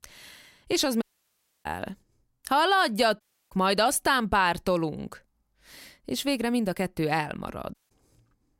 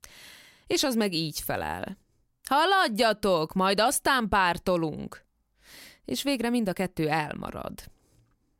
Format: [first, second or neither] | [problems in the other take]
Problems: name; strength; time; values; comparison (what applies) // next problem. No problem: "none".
second | audio cutting out; at 1 s for 0.5 s, at 3 s and at 7.5 s